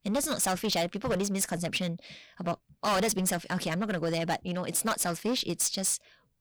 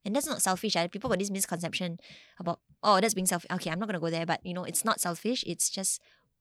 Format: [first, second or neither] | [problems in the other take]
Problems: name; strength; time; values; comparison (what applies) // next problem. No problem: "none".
second | distortion; heavy; 10% of the sound clipped